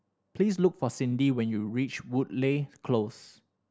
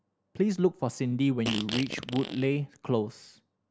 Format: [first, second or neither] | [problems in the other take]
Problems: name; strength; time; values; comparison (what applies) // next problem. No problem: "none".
first | background sound (Fart); 7 dB below the speech